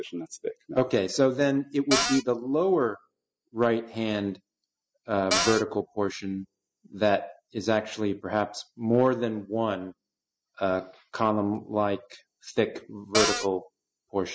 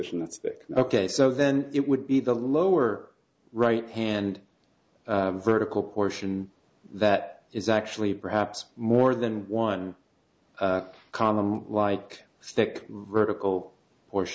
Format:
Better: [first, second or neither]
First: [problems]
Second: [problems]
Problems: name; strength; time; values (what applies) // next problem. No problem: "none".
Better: second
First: noise reduction (classical method spectral subtraction)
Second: none